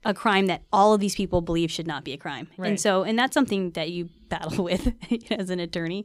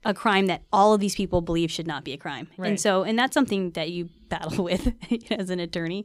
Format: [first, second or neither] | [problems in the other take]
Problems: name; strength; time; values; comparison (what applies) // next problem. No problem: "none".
neither | none